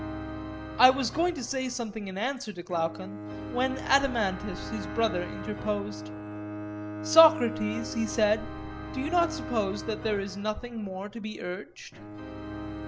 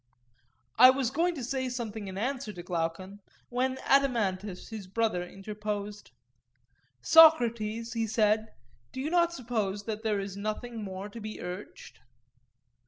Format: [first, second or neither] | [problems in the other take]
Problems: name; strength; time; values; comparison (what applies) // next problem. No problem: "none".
second | background sound (Bowed string instrument + Organ); 9 dB below the speech